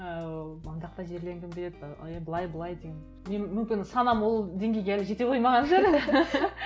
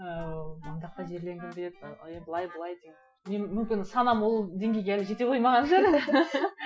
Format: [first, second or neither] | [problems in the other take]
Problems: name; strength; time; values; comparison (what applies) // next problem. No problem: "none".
first | noise reduction (classical method Wiener filter)